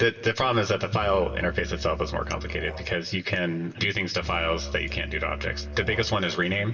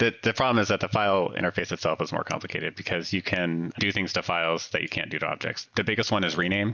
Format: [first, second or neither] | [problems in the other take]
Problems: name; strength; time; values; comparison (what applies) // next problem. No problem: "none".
second | background sound (Musical instrument); 9 dB below the speech // room echo; dies away in 2.9 s